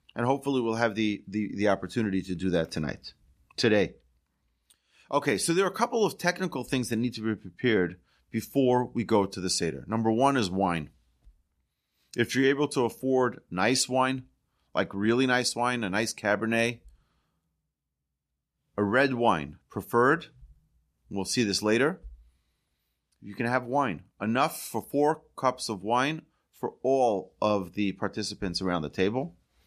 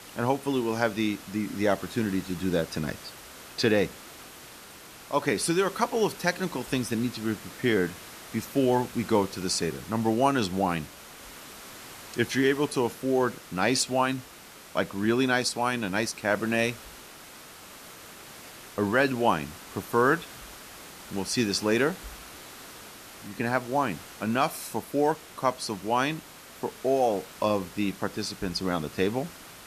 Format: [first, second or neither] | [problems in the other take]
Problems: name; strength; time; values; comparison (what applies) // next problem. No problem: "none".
first | hiss; noticeable; throughout; 15 dB below the speech